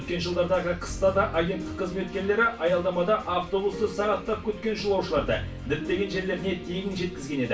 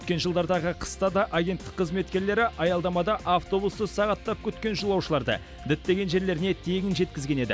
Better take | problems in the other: second | background sound (Piano); 14 dB below the speech // room echo; dies away in 0.3 s

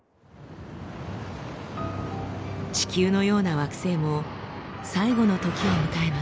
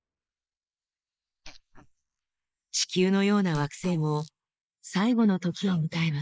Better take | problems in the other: first | noise reduction (neural mask model Resemble Enhance denoiser)

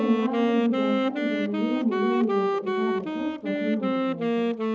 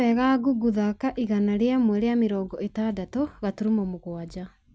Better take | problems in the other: second | background sound (Wind instrument, woodwind instrument); 3 dB above the speech // room echo; dies away in 0.8 s

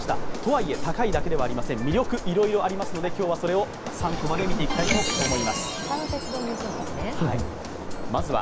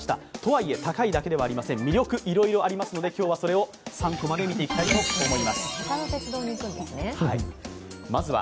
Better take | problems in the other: second | background sound (Waves, surf); 2 dB below the speech

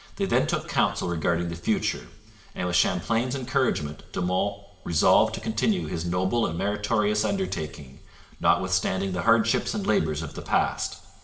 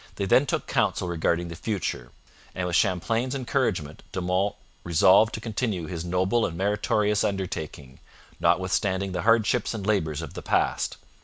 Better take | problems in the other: second | room echo; dies away in 1.5 s

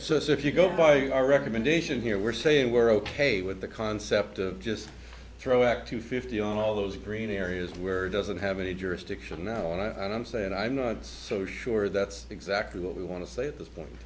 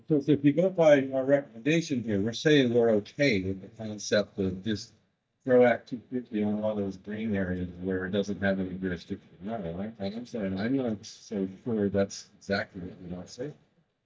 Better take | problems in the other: first | noise reduction (neural mask model DeepFilterNet 3)

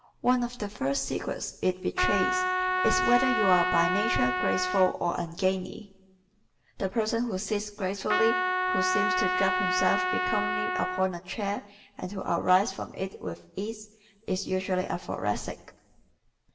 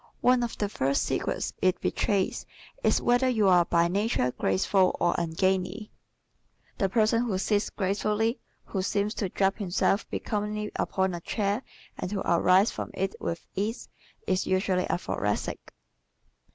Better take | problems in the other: second | background sound (Trumpet); 1 dB above the speech // room echo; dies away in 0.7 s

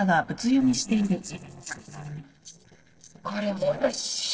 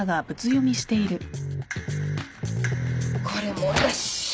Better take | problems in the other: second | noise reduction (neural separator model SepFormer DNS4)

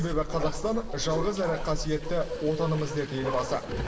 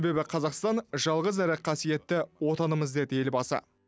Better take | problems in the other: second | background sound (Bark); 3 dB below the speech // room echo; dies away in 0.8 s

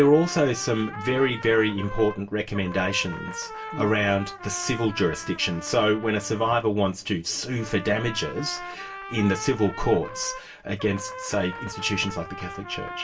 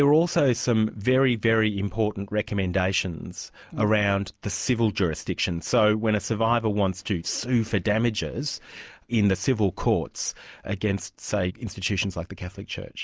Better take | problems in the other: second | background sound (Trumpet); 13 dB below the speech // room echo; dies away in 0.2 s

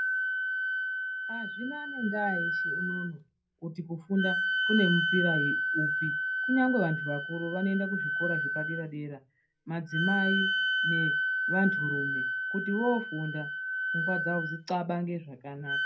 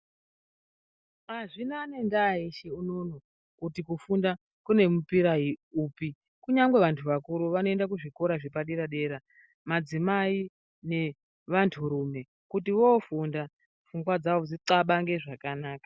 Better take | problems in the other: second | background sound (Wind instrument, woodwind instrument); 1 dB above the speech // room echo; dies away in 0.2 s

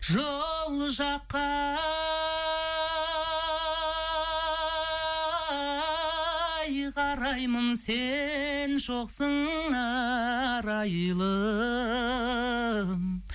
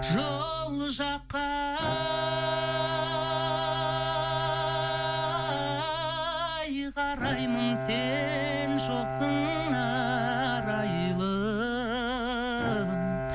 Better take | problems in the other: first | background sound (Bowed string instrument); 3 dB below the speech

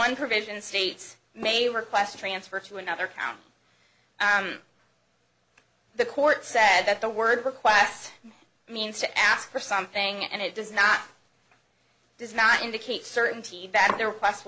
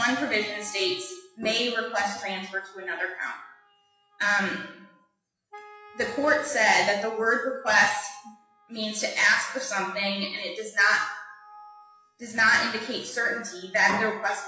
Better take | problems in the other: first | noise reduction (classical method WPE with log-MMSE)

